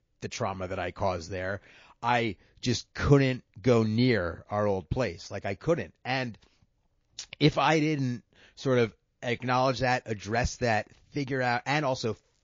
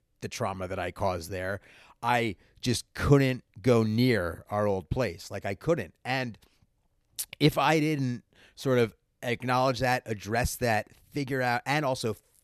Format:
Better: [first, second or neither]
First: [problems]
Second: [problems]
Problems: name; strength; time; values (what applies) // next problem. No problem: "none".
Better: second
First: garbled, watery; slightly; nothing above 6.5 kHz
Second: none